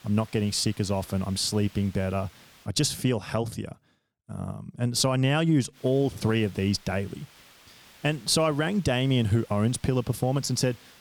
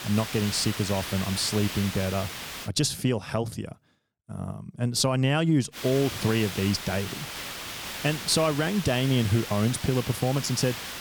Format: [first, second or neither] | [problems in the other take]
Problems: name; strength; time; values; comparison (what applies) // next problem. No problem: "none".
first | hiss; loud; until 2.5 s and from 6 s on; 8 dB below the speech; faint in the first